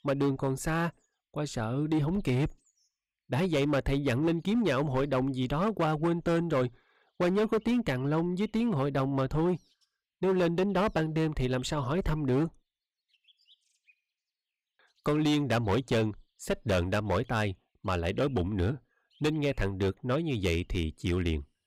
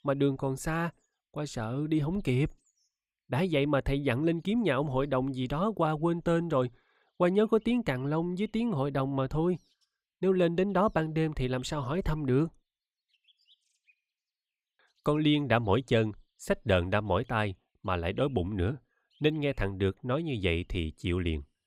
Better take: second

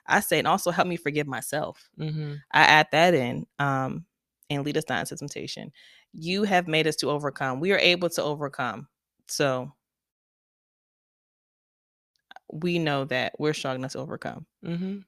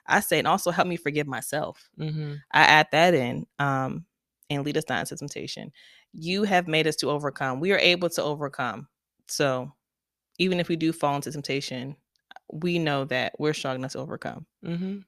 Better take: second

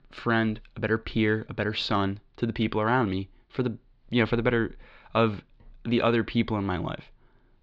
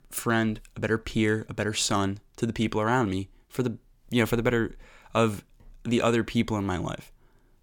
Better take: second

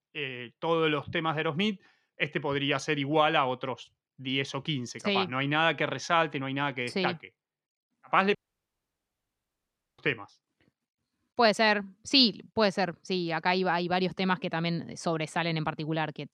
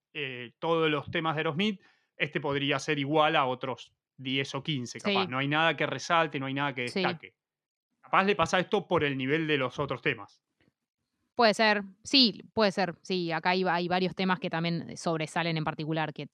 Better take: second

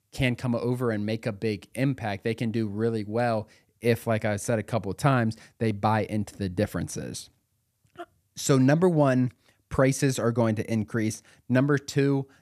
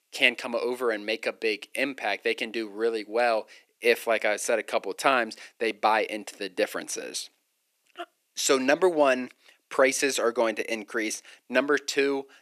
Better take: first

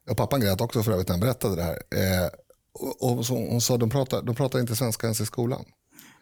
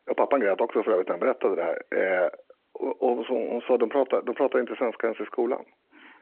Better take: first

